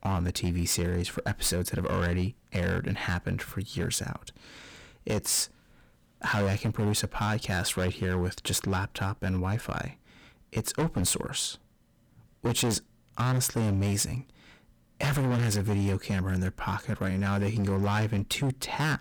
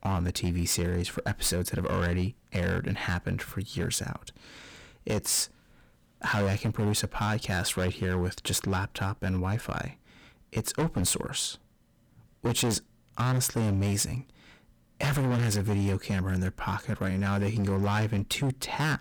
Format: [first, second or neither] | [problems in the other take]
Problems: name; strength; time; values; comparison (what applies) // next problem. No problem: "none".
neither | distortion; heavy; 16% of the sound clipped; the same in both